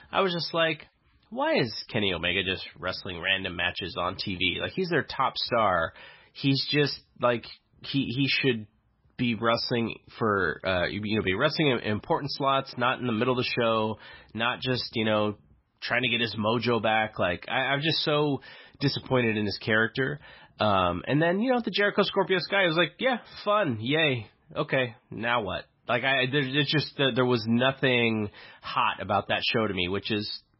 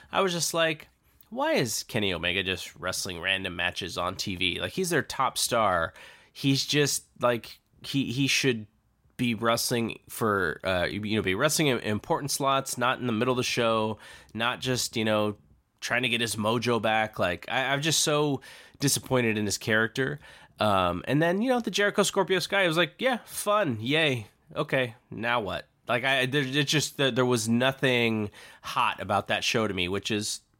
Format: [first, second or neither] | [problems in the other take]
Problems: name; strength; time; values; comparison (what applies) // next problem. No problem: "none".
second | garbled, watery; badly; nothing above 5.5 kHz